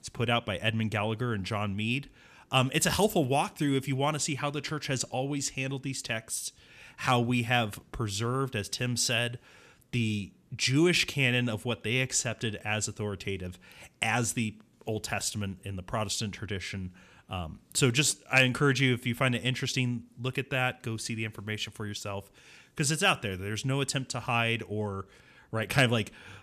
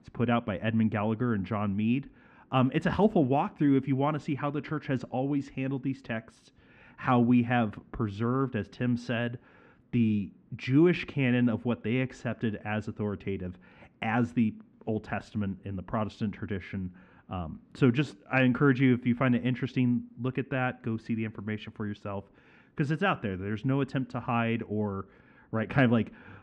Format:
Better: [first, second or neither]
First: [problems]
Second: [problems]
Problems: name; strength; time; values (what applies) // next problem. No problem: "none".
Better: first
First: none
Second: muffled; very; fading above 1.5 kHz